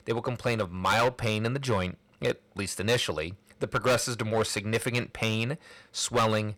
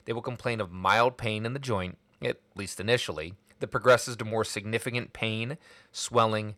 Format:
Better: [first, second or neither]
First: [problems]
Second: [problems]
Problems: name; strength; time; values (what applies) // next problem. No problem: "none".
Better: second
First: distortion; heavy; 6% of the sound clipped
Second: none